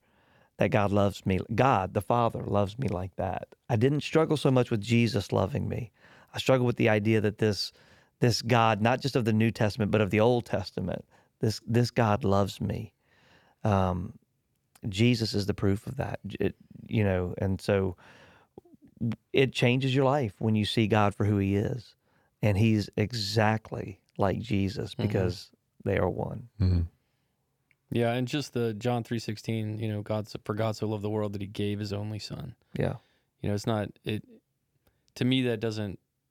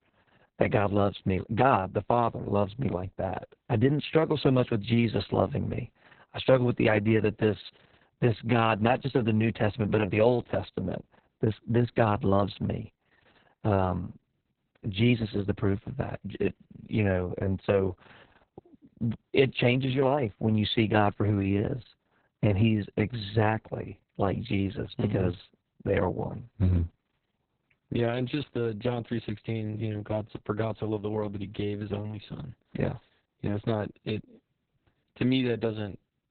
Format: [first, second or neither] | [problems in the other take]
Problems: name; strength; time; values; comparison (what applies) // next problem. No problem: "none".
first | garbled, watery; badly; nothing above 4 kHz